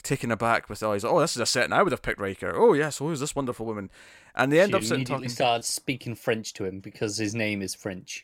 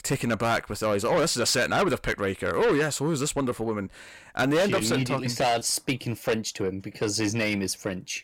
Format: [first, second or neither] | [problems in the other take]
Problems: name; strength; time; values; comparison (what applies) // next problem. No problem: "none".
first | distortion; heavy; 7 dB below the speech